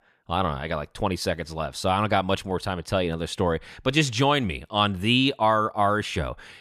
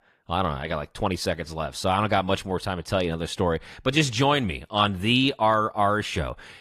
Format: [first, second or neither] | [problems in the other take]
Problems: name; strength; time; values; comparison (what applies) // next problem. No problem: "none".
first | garbled, watery; slightly; nothing above 14.5 kHz